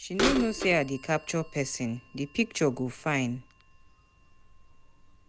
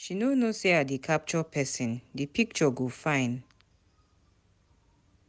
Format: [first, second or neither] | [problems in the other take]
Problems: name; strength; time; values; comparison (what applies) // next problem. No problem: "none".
second | background sound (Bird vocalization, bird call, bird song / Telephone); 7 dB below the speech